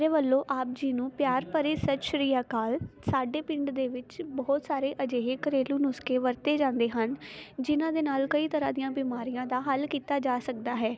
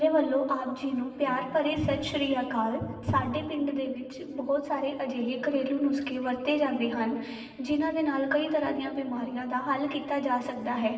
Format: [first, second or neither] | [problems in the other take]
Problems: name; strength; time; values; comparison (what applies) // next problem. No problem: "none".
first | room echo; dies away in 1.4 s